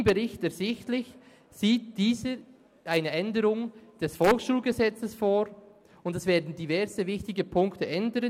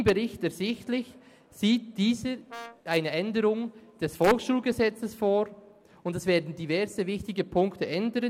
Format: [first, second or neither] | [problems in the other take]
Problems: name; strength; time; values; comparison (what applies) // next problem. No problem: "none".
first | background sound (Brass instrument); 15 dB below the speech